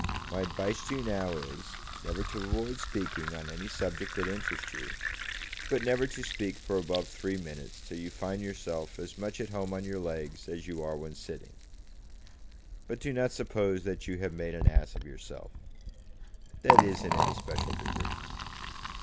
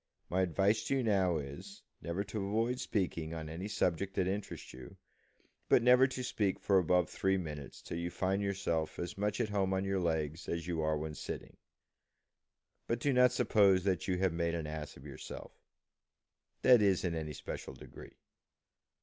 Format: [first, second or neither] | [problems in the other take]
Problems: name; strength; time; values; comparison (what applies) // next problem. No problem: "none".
second | background sound (Liquid); 1 dB above the speech